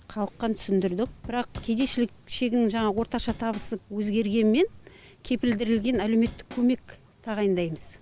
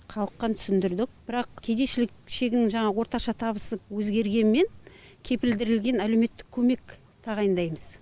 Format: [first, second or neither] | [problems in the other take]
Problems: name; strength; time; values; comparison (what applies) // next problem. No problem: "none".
second | background sound (Drum / Drum kit); 16 dB below the speech